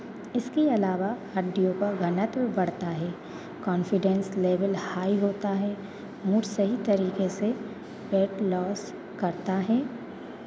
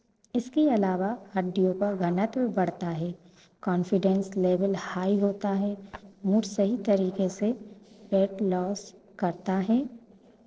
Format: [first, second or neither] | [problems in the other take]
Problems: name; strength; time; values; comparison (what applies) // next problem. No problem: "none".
first | noise reduction (neural separator model SepFormer DNS4)